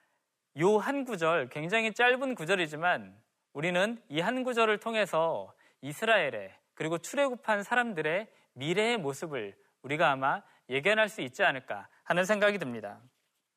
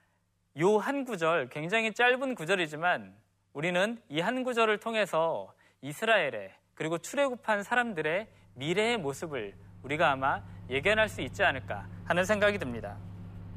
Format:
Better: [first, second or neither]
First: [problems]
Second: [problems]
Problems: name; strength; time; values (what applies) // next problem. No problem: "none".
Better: first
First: none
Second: household noises; noticeable; throughout; 20 dB below the speech